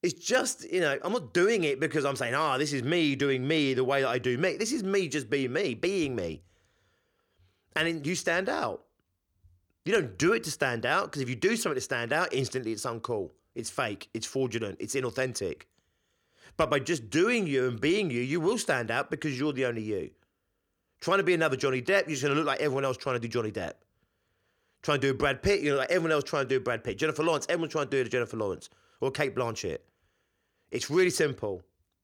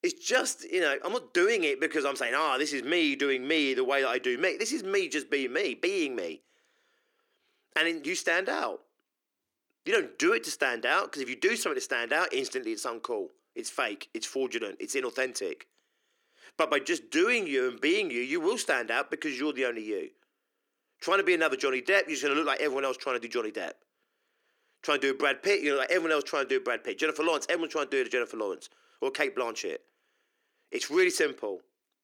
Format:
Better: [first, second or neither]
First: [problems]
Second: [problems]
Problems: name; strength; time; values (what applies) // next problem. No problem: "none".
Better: first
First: none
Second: thin; very slightly; fading below 300 Hz